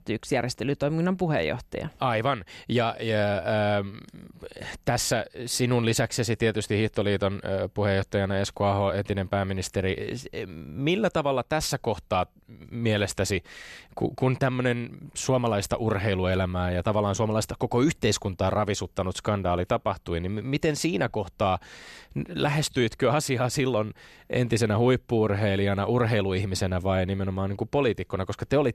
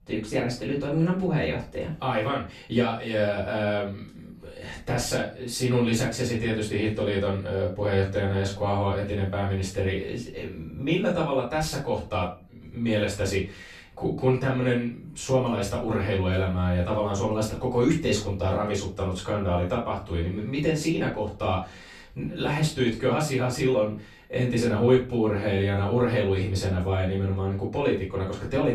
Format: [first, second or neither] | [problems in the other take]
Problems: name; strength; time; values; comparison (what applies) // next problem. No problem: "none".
first | off-mic speech; far // room echo; slight; dies away in 0.3 s